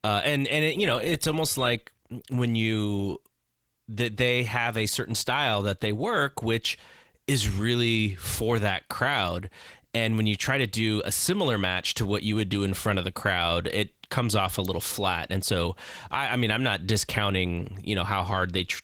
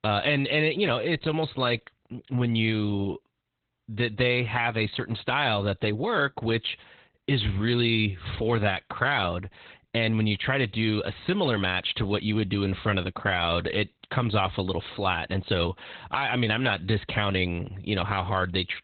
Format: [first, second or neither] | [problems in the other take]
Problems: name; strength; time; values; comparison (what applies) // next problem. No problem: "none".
first | garbled, watery; badly; nothing above 4 kHz; slightly in the first